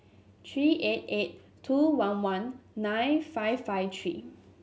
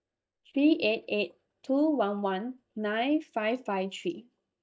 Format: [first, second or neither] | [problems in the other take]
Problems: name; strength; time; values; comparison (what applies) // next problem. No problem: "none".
first | noise reduction (neural mask model DeepFilterNet 3)